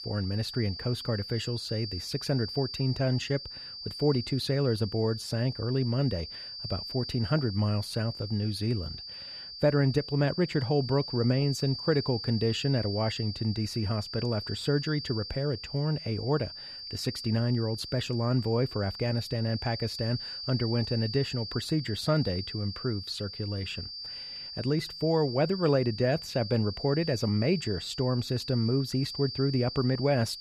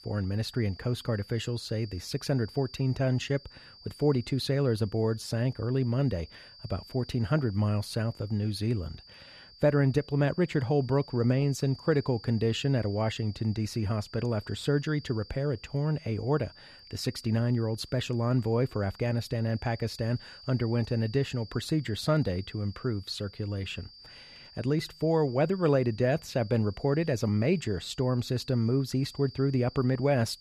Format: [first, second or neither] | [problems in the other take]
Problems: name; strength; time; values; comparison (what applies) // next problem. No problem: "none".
second | high-pitched whine; loud; throughout; 4.5 kHz, 8 dB below the speech; faint in the second